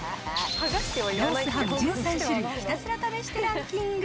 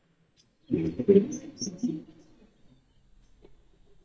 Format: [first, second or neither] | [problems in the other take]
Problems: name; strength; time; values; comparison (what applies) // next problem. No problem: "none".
first | noise reduction (neural mask model DeepFilterNet 3)